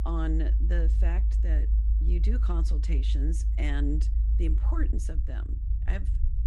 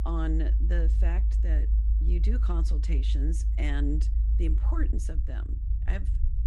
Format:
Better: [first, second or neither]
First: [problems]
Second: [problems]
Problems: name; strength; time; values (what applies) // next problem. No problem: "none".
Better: neither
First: low rumble; loud; throughout; 7 dB below the speech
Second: low rumble; loud; throughout; 7 dB below the speech